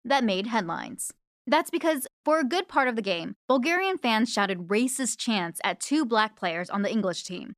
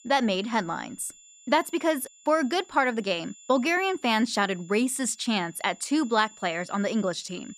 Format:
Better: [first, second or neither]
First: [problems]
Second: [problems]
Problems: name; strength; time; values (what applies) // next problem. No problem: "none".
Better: first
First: none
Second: high-pitched whine; faint; throughout; 7 kHz, 25 dB below the speech